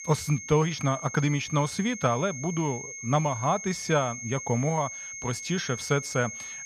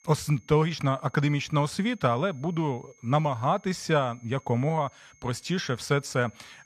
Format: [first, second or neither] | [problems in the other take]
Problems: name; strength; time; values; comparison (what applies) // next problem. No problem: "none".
second | high-pitched whine; loud; throughout; 6.5 kHz, 9 dB below the speech; faint in the second